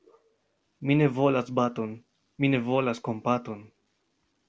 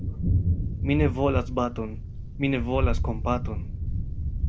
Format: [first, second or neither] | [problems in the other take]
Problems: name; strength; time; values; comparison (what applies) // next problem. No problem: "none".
first | background sound (Thunder); 2 dB above the speech